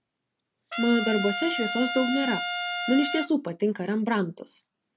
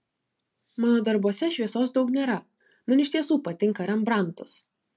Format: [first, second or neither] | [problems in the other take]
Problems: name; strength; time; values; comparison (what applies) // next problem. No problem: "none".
second | background sound (Trumpet); 4 dB below the speech